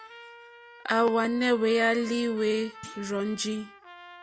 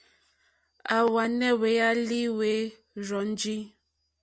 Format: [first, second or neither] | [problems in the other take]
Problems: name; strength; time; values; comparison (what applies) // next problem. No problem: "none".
second | background sound (Thump, thud + Trumpet); 18 dB below the speech